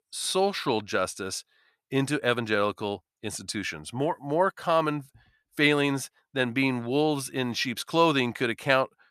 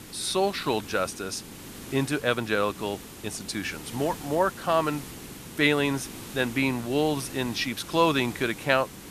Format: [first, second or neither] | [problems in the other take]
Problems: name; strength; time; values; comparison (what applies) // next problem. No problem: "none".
first | hiss; noticeable; throughout; 15 dB below the speech